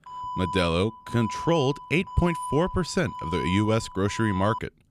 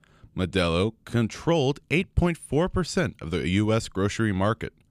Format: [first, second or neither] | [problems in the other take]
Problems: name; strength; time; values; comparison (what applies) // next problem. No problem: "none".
second | alarm; noticeable; peak 7 dB below the speech